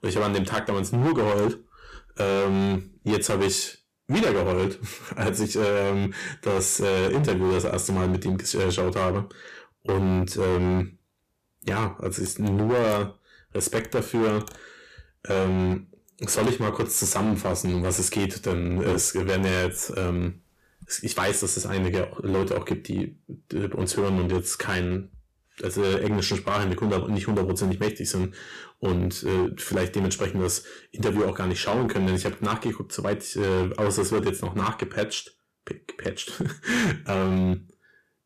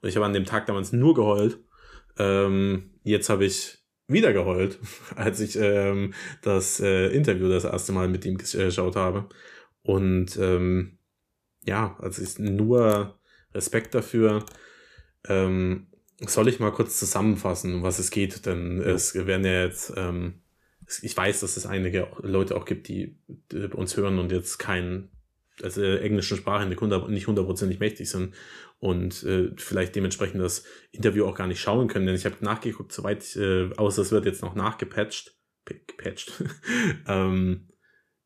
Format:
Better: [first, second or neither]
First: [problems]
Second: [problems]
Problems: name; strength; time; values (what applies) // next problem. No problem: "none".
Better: second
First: distortion; heavy; 13% of the sound clipped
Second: none